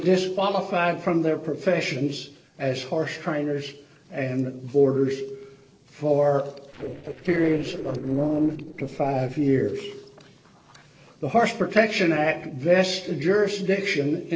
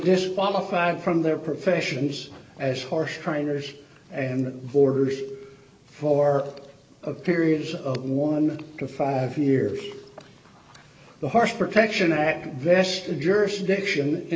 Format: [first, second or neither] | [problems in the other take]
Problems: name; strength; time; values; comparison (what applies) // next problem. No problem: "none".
second | noise reduction (neural separator model SepFormer DNS4)